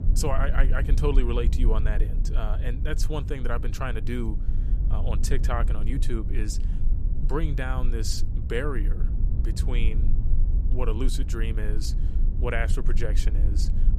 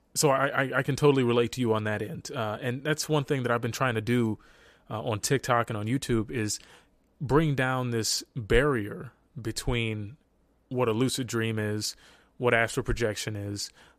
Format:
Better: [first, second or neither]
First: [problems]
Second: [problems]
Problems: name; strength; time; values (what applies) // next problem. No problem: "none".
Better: second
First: low rumble; noticeable; throughout; 10 dB below the speech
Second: none